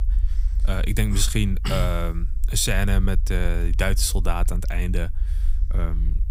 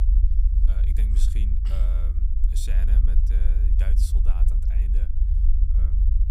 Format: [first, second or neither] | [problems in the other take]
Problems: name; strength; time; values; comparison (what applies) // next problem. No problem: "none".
first | low rumble; loud; throughout; as loud as the speech; faint in the first